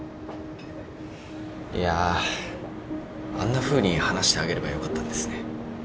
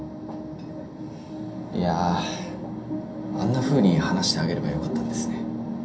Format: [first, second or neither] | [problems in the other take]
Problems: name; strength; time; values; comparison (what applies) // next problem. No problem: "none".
first | room echo; dies away in 0.3 s